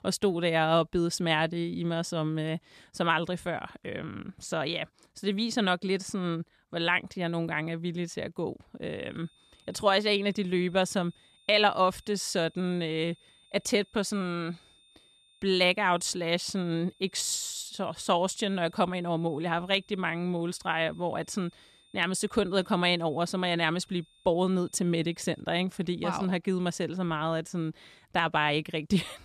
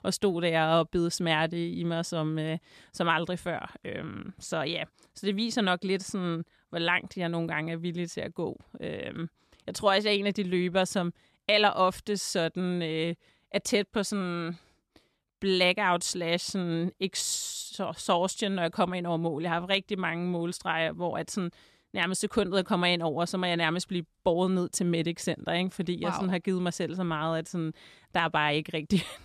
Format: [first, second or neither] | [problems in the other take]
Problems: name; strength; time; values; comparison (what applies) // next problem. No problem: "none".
second | high-pitched whine; faint; from 9 to 25 s; 3.5 kHz, 30 dB below the speech